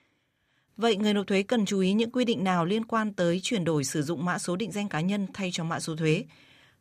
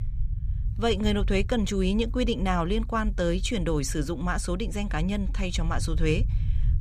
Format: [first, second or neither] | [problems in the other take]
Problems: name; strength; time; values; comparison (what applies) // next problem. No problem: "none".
first | low rumble; faint; throughout; 20 dB below the speech